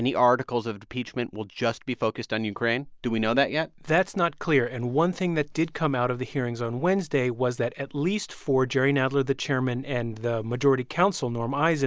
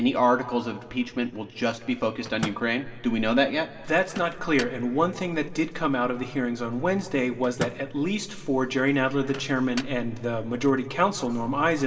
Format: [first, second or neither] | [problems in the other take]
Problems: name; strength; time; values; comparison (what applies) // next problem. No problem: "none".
first | background sound (Microwave oven); 18 dB below the speech // room echo; dies away in 1.6 s